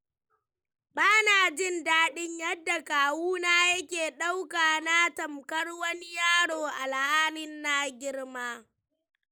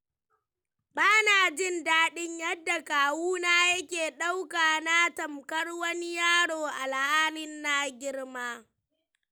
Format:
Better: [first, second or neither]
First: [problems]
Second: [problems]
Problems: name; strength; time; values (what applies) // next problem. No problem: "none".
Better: second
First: noise reduction (neural mask model Resemble Enhance denoiser)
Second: none